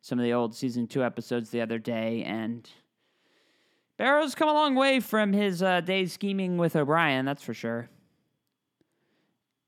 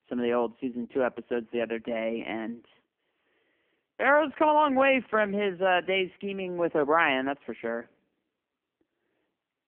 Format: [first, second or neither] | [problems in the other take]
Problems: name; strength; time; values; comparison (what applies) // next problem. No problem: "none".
first | phone-call audio; poor line; nothing above 3 kHz